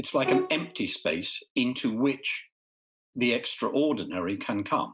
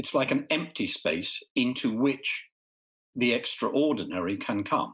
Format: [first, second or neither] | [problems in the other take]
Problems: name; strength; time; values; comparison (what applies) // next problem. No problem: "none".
second | background sound (Bowed string instrument); 2 dB below the speech